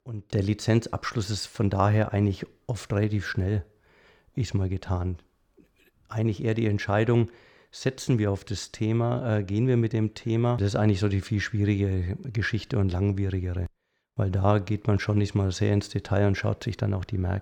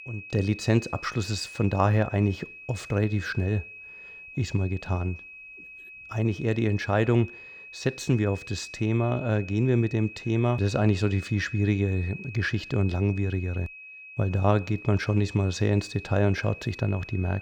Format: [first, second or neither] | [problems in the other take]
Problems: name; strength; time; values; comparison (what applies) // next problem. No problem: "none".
first | high-pitched whine; noticeable; throughout; 2.5 kHz, 15 dB below the speech